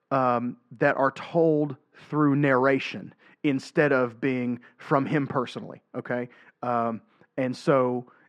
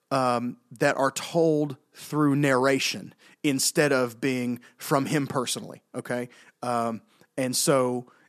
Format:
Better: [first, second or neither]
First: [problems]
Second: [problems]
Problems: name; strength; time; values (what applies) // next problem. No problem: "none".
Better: second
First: muffled; very; fading above 2 kHz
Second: none